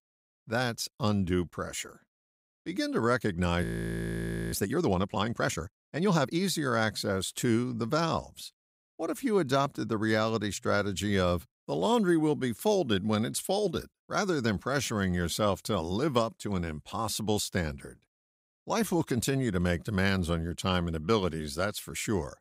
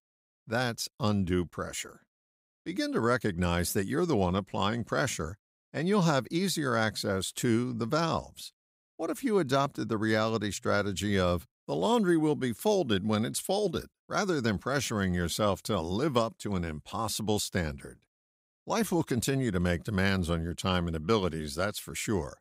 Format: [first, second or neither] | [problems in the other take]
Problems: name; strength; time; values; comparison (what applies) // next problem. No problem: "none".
second | audio freezing; at 3.5 s for 1 s